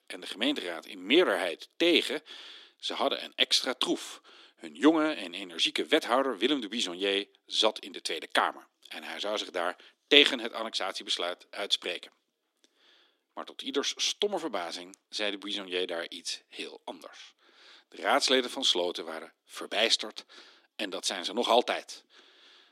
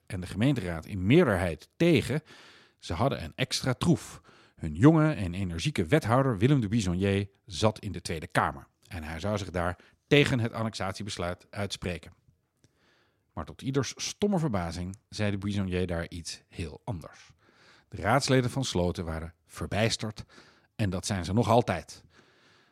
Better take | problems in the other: second | thin; somewhat; fading below 300 Hz

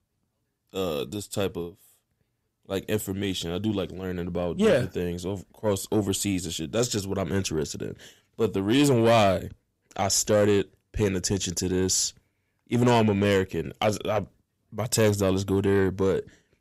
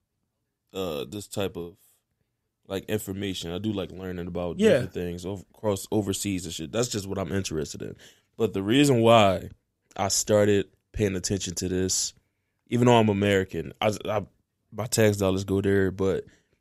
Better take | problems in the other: second | distortion; slight; 10 dB below the speech

